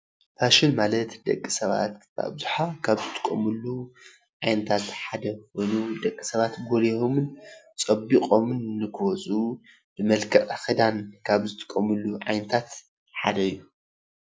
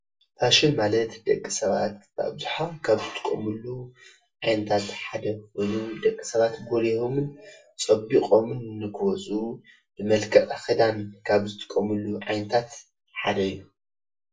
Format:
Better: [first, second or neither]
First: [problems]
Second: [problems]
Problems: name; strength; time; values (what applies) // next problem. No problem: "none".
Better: first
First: none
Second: room echo; dies away in 0.1 s